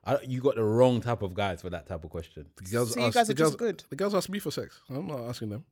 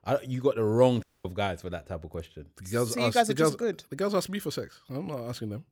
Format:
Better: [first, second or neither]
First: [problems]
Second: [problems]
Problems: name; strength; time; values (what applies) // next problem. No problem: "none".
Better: first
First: none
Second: audio cutting out; at 1 s